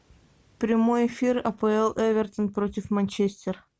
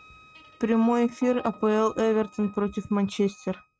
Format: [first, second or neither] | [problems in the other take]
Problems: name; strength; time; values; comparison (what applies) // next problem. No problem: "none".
first | noise reduction (neural mask model RNNoise)